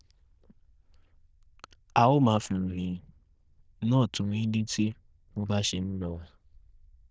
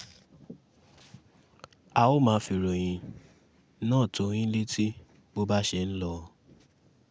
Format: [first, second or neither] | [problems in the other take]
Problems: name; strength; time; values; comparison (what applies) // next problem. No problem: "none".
second | noise reduction (neural diffusion model UNIVERSE++)